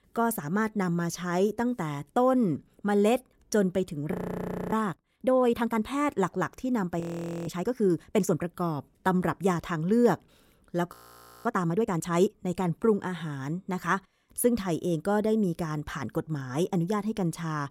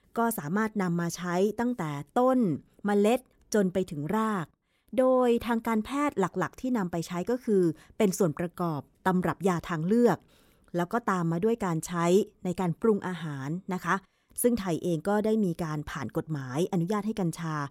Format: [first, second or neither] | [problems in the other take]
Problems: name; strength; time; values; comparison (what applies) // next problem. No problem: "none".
second | audio freezing; at 4 s for 0.5 s, at 7 s and at 11 s for 0.5 s